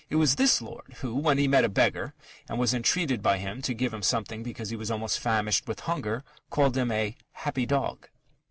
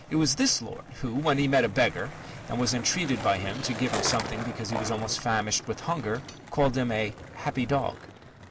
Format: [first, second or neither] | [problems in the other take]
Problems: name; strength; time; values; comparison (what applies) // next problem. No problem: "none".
first | background sound (Skateboard); 10 dB below the speech